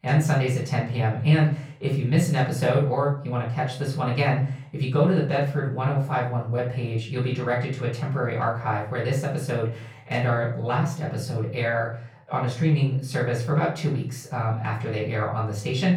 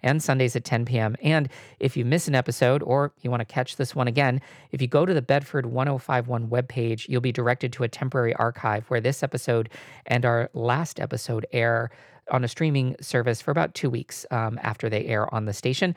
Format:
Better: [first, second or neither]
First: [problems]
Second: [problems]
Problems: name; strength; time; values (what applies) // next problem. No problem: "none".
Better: second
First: off-mic speech; far // room echo; slight; dies away in 0.4 s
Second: none